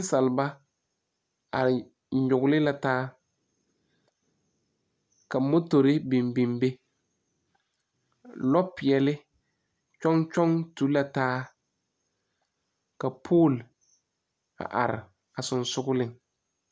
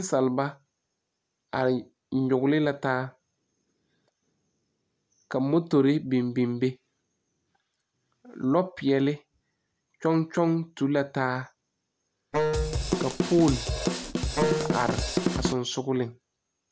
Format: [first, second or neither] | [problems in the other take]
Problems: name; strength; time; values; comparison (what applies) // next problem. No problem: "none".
first | background sound (Wind instrument, woodwind instrument + Drum / Drum kit); 1 dB above the speech